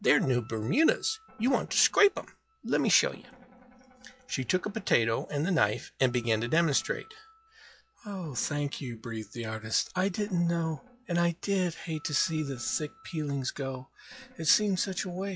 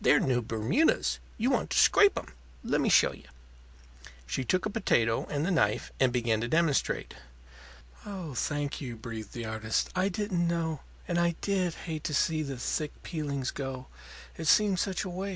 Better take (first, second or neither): second